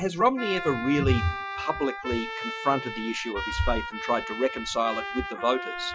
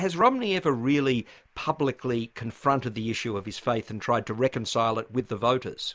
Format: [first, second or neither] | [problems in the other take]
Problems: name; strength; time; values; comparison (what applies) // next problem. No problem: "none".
second | noise reduction (classical method Wiener filter)